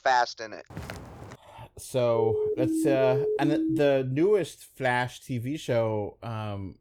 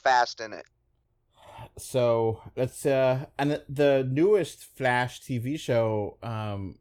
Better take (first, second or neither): second